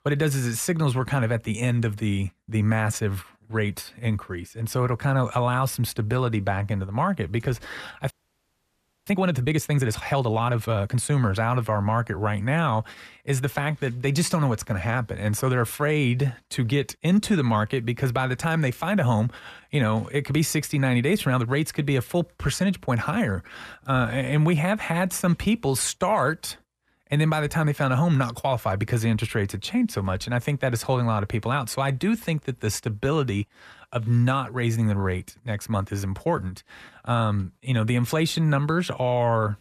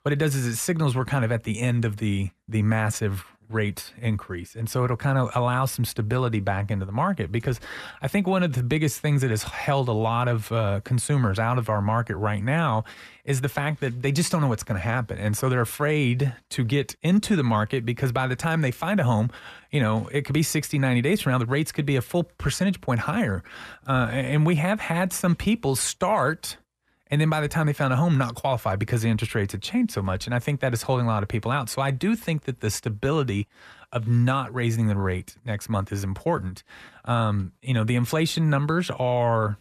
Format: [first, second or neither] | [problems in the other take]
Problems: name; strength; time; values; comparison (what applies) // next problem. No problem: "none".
second | audio freezing; at 8 s for 1 s